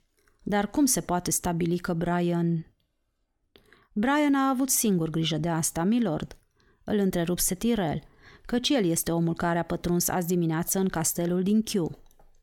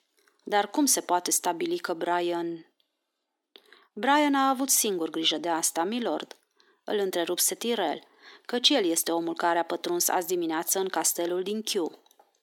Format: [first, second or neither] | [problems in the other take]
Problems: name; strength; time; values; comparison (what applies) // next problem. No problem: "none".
first | thin; somewhat; fading below 300 Hz